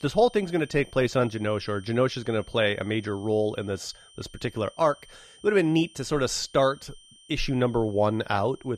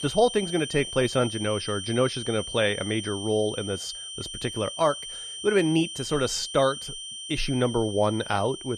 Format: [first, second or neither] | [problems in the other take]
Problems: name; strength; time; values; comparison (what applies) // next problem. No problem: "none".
first | high-pitched whine; loud; throughout; 3 kHz, 8 dB below the speech; faint in the first